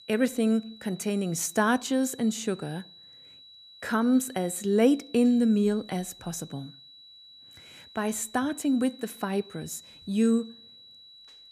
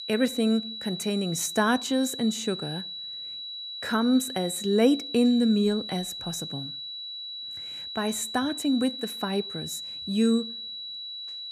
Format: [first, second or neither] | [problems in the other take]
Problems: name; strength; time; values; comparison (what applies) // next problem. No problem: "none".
first | high-pitched whine; loud; throughout; 4 kHz, 8 dB below the speech; faint in the first